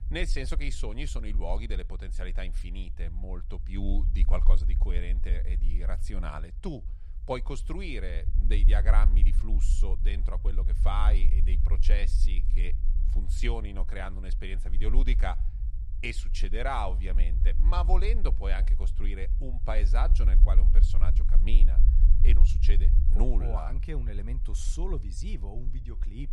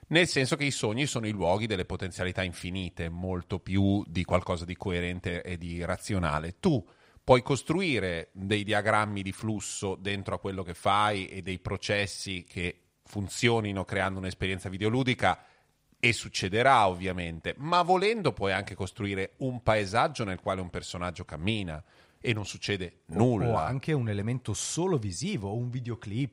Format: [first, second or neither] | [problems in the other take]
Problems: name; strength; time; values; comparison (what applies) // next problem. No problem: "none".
second | low rumble; noticeable; throughout; 10 dB below the speech